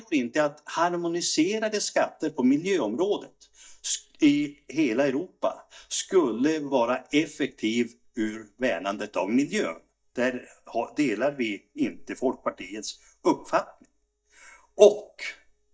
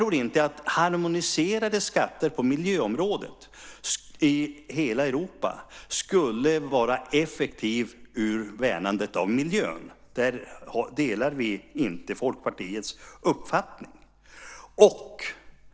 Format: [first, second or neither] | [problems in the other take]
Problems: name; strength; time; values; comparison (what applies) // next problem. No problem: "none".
second | noise reduction (neural mask model DeepFilterNet 3)